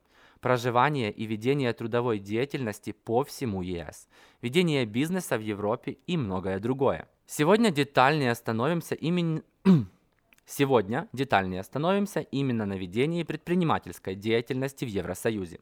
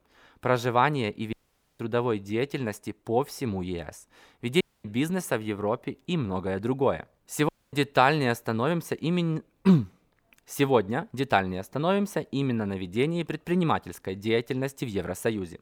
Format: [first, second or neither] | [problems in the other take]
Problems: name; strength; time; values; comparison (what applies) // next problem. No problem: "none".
first | audio cutting out; at 1.5 s, at 4.5 s and at 7.5 s